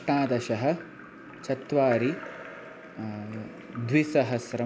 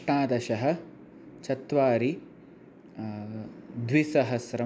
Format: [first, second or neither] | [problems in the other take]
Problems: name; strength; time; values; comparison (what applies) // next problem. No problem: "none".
second | background sound (Drip / Trickle, dribble / Splash, splatter); 16 dB below the speech